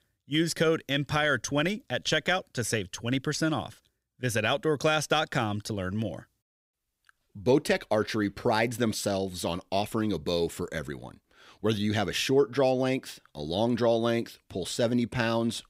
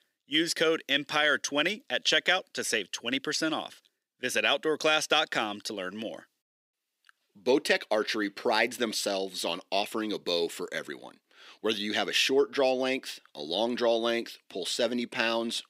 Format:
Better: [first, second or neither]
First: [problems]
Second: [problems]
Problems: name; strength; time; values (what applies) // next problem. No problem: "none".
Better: first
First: none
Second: thin; very slightly; fading below 250 Hz